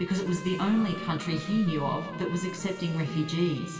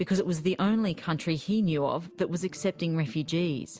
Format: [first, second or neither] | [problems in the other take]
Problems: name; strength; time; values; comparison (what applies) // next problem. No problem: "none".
second | background sound (Trumpet); 15 dB below the speech // room echo; dies away in 2.5 s